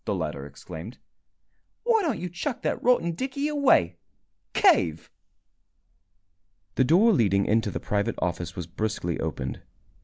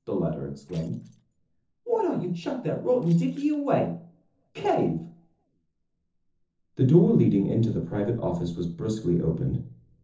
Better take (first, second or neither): first